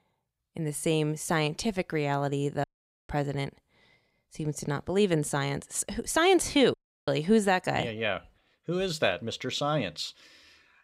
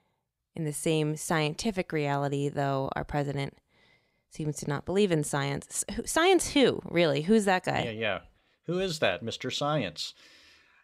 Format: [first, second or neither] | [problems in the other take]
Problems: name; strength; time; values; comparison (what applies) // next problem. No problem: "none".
second | audio cutting out; at 2.5 s and at 6.5 s